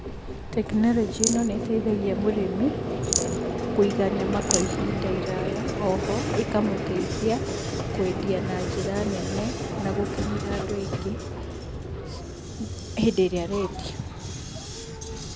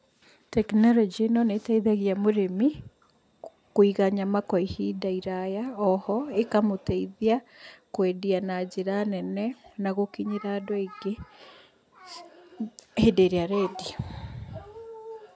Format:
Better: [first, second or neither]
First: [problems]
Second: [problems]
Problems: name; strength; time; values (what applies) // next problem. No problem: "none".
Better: second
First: background sound (Rattle + Vehicle); 1 dB below the speech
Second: none